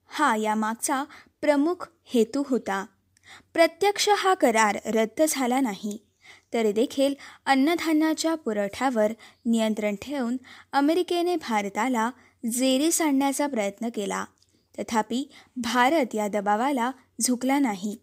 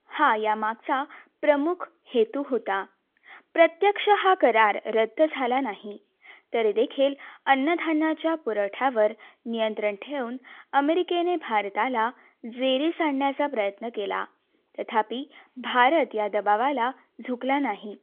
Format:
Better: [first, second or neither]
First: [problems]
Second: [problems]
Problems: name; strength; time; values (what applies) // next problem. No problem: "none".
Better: first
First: none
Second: phone-call audio; nothing above 3.5 kHz